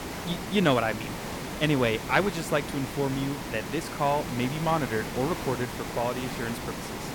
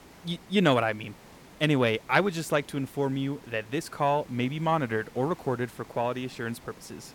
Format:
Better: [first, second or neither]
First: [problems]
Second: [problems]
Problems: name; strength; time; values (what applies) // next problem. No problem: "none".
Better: second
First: hiss; loud; throughout; 7 dB below the speech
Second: hiss; faint; throughout; 25 dB below the speech